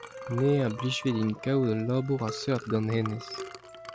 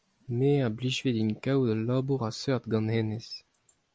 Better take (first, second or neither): second